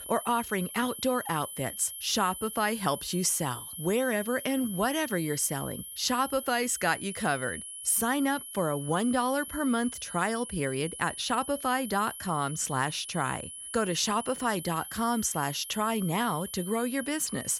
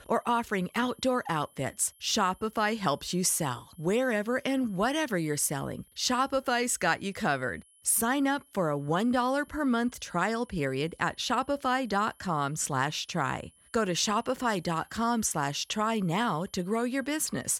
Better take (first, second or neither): second